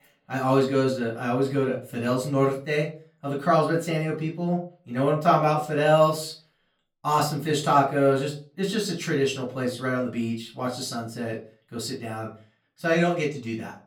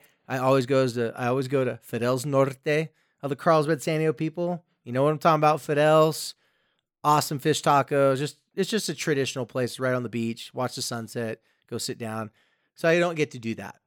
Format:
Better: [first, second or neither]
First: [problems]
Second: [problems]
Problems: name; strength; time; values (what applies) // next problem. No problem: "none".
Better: second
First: off-mic speech; far // room echo; very slight; dies away in 0.3 s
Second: none